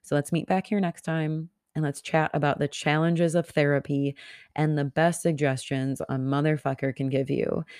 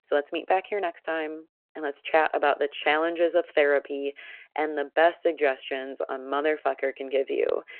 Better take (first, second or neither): first